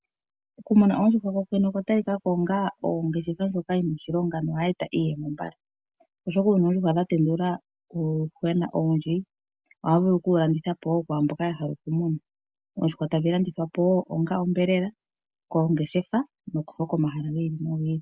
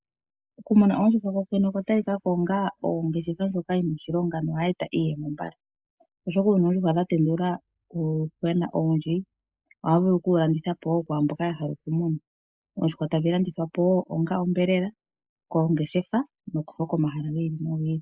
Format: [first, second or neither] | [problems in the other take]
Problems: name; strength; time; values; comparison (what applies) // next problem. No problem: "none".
first | noise reduction (neural mask model Resemble Enhance denoiser)